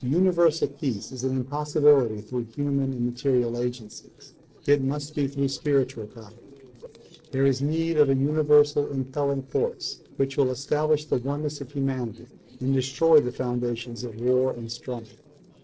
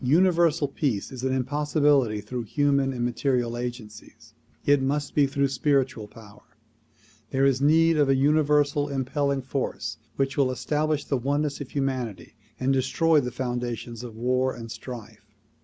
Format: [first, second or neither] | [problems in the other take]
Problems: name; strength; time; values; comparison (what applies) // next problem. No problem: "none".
second | noise reduction (neural separator model SepFormer DNS4)